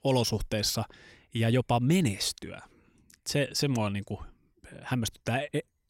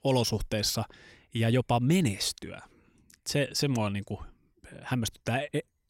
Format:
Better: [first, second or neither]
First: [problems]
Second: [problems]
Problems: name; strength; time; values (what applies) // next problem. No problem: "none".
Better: neither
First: none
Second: none